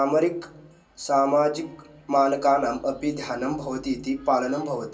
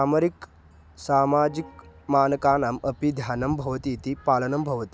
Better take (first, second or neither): second